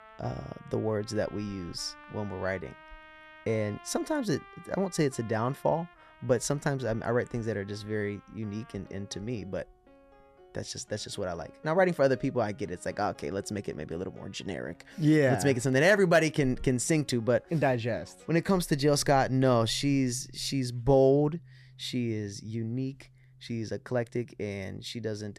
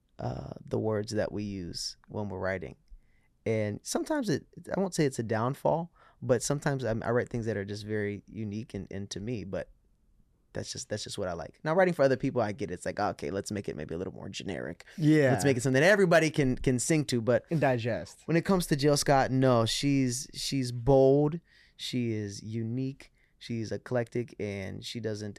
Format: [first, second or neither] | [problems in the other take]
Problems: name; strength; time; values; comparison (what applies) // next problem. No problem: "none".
second | background music; faint; throughout; 25 dB below the speech